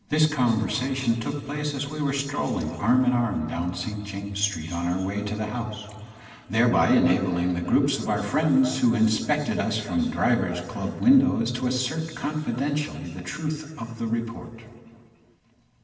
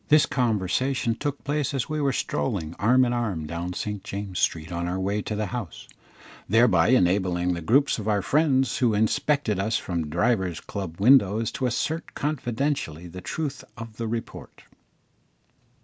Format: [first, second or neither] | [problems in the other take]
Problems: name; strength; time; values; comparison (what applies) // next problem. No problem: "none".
second | room echo; dies away in 2.3 s